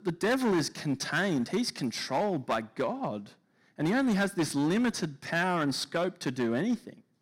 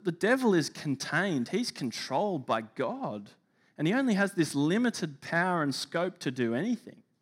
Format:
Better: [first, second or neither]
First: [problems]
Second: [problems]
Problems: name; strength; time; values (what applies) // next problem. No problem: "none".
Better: second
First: distortion; slight; 9% of the sound clipped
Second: none